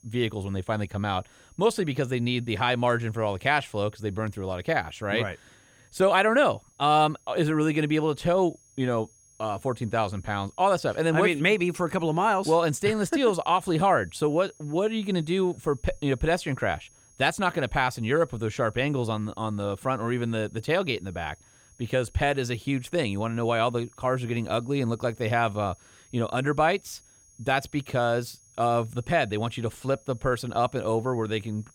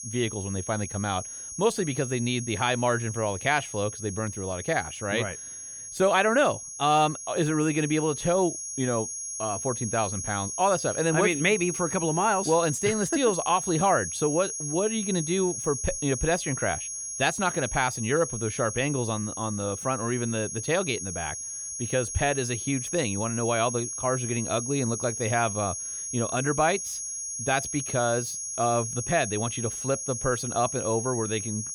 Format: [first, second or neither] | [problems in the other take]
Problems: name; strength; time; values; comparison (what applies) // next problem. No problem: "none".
first | high-pitched whine; loud; throughout; 6.5 kHz, 5 dB below the speech; faint in the first